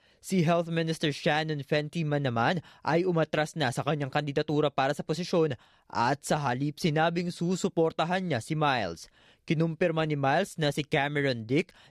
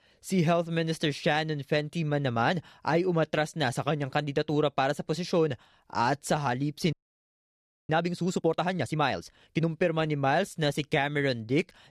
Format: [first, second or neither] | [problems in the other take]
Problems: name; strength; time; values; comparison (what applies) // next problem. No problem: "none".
first | audio freezing; at 7 s for 1 s